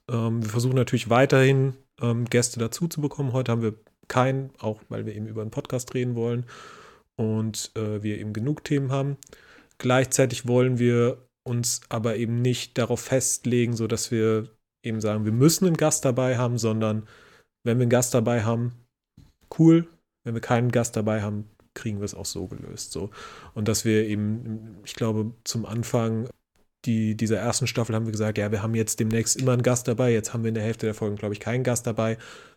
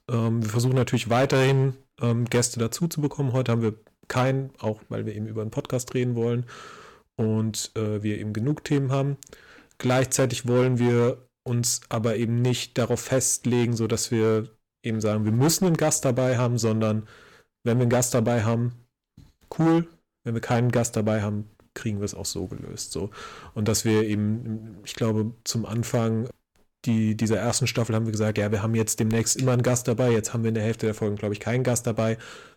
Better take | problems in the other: first | distortion; slight; 5% of the sound clipped

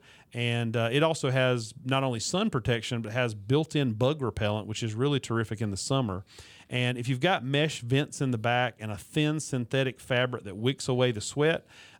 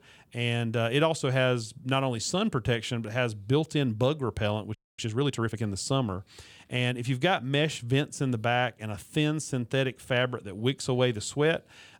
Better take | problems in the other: first | audio freezing; at 5 s

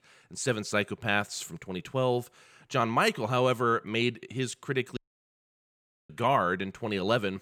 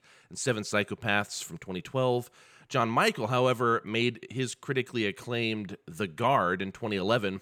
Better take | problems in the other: second | audio cutting out; at 5 s for 1 s

